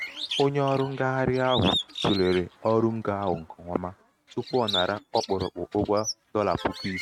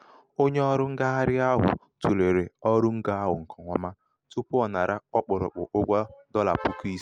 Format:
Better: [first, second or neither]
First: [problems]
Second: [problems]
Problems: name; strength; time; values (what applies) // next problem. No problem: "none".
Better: second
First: noise reduction (neural mask model RNNoise)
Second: none